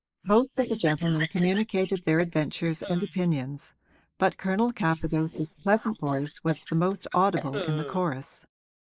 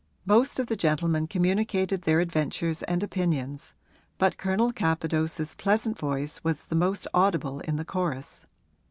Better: second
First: noise reduction (neural mask model Resemble Enhance denoiser)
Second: none

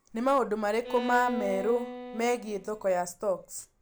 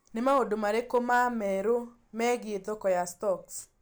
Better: second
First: background sound (Bowed string instrument); 8 dB below the speech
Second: none

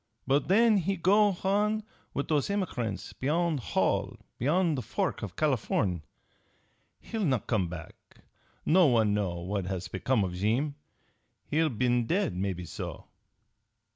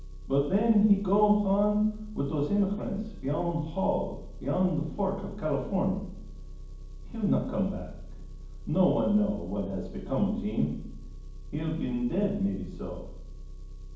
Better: first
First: none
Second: background sound (Engine); 12 dB below the speech // room echo; dies away in 1.2 s

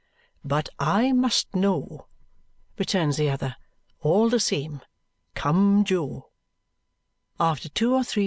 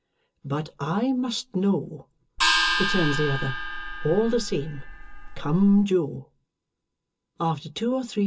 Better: first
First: none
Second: background sound (Gong); 1 dB below the speech // room echo; dies away in 0.2 s

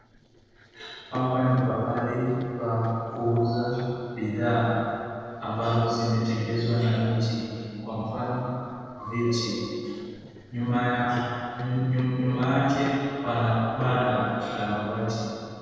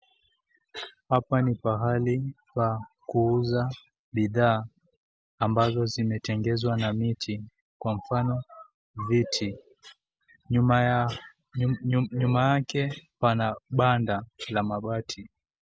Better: second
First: noise reduction (neural separator model SepFormer DNS4)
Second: none

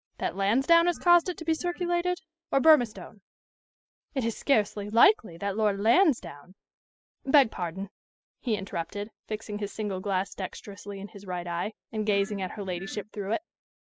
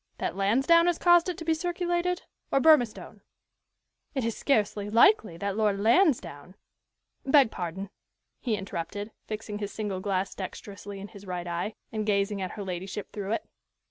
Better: second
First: noise reduction (classical method spectral subtraction)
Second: none

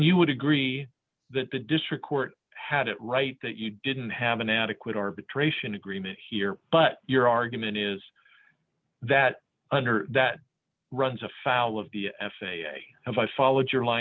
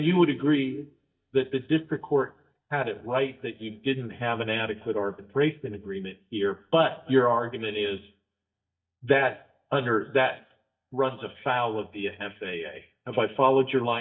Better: first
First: none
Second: noise reduction (neural mask model DeepFilterNet 3)

